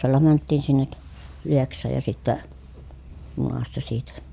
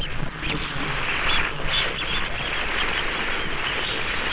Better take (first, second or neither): first